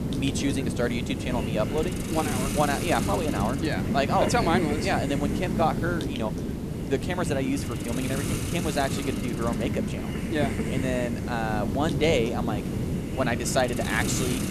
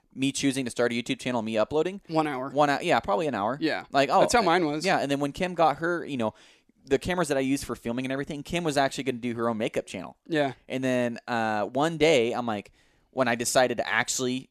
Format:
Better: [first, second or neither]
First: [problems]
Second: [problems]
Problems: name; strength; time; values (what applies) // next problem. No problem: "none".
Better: second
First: hiss; loud; throughout; 1 dB below the speech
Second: none